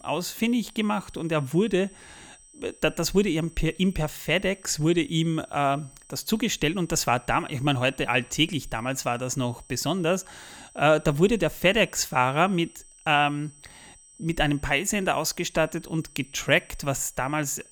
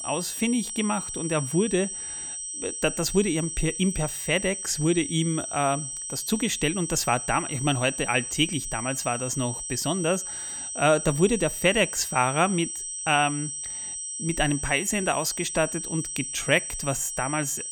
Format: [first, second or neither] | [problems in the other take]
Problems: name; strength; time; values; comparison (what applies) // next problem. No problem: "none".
first | high-pitched whine; loud; throughout; 8 kHz, 5 dB below the speech; faint in the first